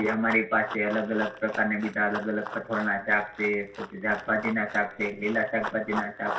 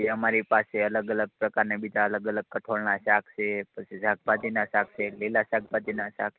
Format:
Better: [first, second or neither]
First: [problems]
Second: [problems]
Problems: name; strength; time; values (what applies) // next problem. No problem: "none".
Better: second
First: background sound (Run); 11 dB below the speech // room echo; dies away in 0.3 s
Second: none